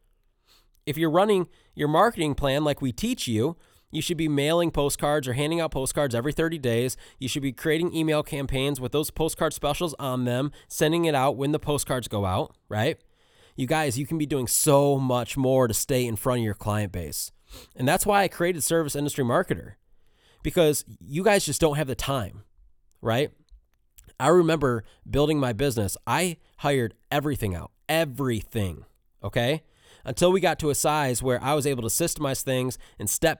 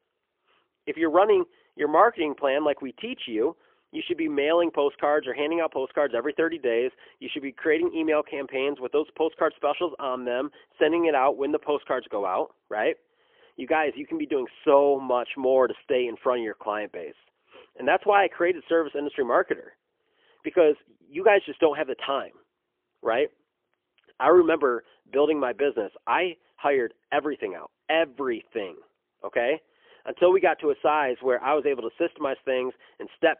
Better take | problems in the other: first | phone-call audio; poor line; nothing above 3.5 kHz

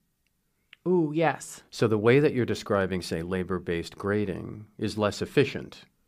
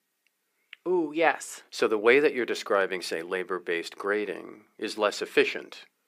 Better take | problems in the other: first | thin; somewhat; fading below 350 Hz

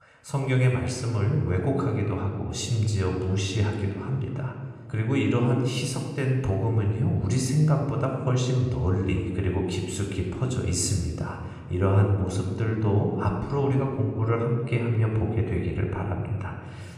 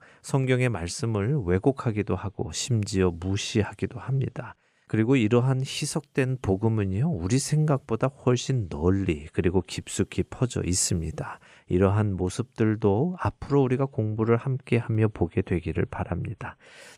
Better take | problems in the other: second | off-mic speech; somewhat distant // room echo; noticeable; dies away in 1.5 s

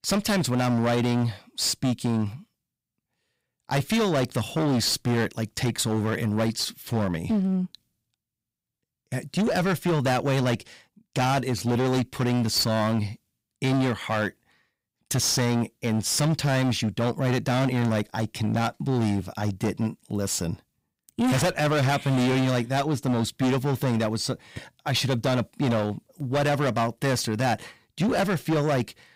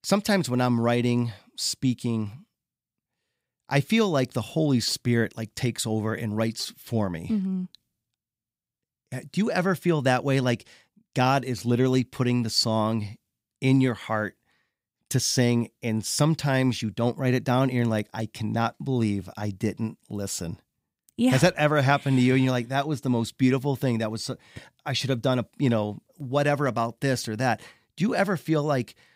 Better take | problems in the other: second | distortion; heavy; 20% of the sound clipped

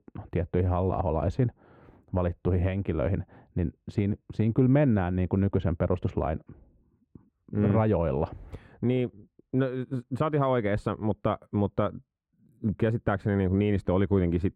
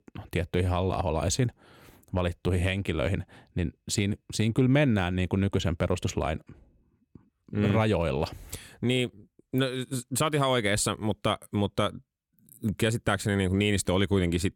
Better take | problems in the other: second | muffled; very; fading above 3 kHz

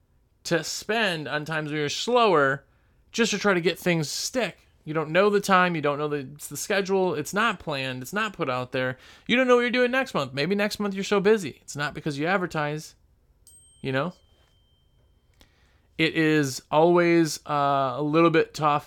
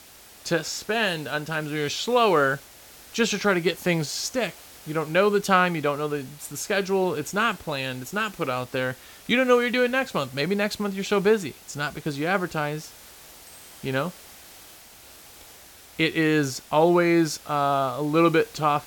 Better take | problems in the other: first | hiss; faint; throughout; 20 dB below the speech

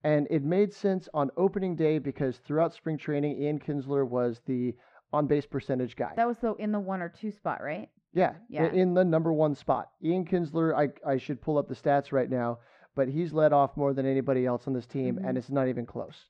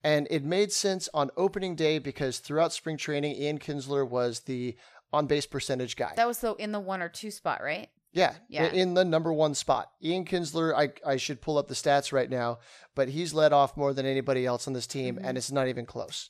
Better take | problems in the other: second | muffled; very; fading above 1.5 kHz

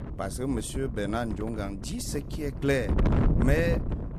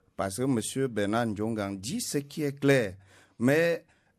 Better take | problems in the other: second | wind noise on the microphone; heavy; 6 dB below the speech

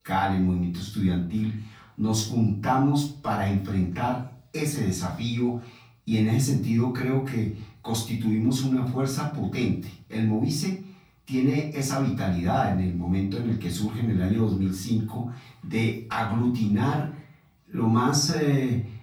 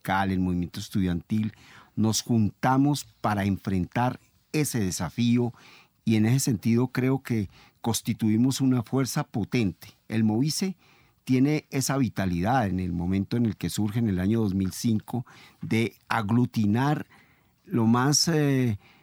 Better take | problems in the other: second | off-mic speech; far // room echo; noticeable; dies away in 0.4 s

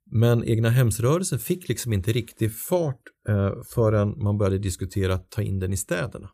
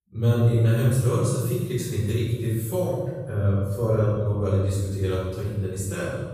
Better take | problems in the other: first | off-mic speech; far // room echo; strong; dies away in 1.2 s

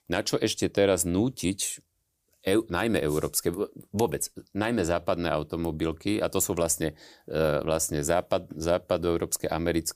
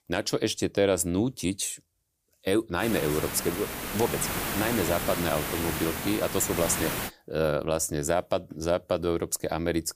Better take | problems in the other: first | hiss; loud; from 3 to 7 s; 3 dB below the speech

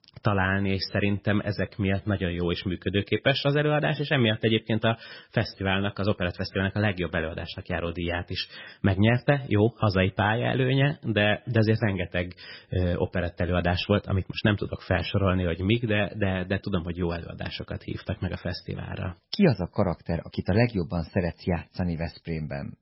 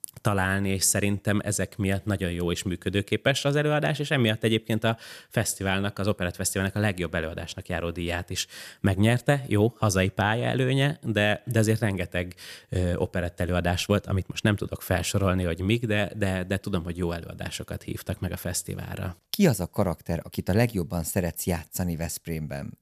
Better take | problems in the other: second | garbled, watery; badly; nothing above 5.5 kHz

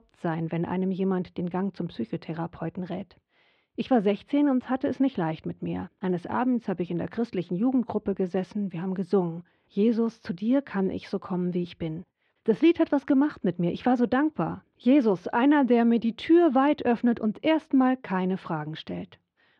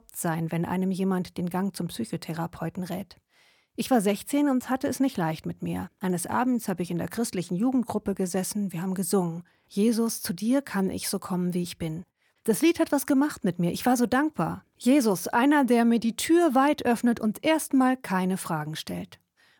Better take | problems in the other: second | muffled; very; fading above 3.5 kHz

